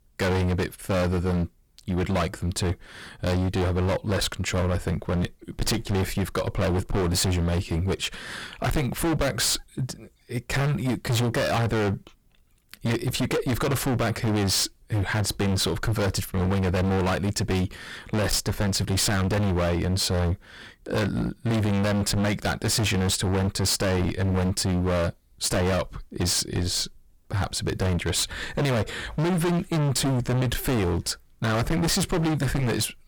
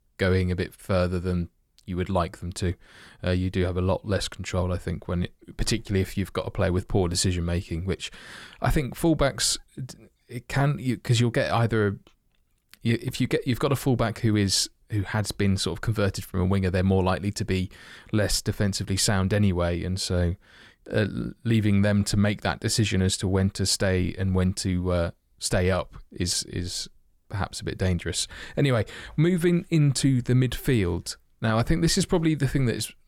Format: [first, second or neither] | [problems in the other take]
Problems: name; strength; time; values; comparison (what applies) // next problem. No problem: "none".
second | distortion; heavy; 31% of the sound clipped